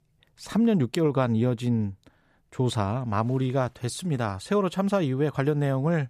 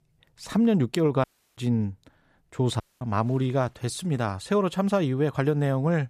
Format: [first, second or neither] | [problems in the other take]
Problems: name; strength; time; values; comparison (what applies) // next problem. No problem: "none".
first | audio cutting out; at 1 s and at 3 s